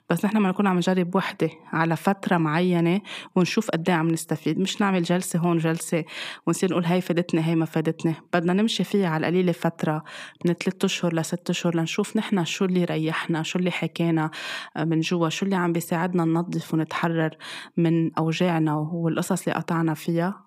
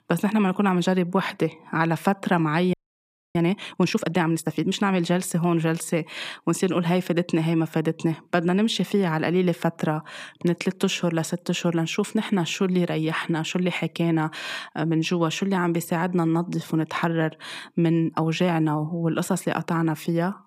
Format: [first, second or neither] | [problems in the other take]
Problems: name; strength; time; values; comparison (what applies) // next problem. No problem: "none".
first | audio freezing; at 2.5 s for 0.5 s